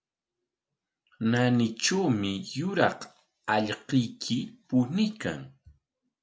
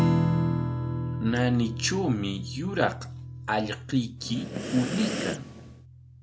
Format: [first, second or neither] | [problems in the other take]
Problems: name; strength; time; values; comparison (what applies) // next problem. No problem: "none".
first | background sound (Breathing + Strum); as loud as the speech